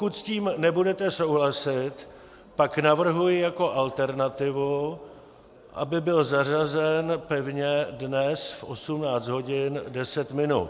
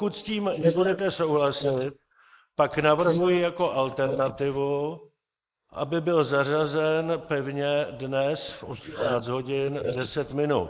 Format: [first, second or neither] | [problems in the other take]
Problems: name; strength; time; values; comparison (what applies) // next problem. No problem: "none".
first | noise reduction (neural mask model Resemble Enhance denoiser)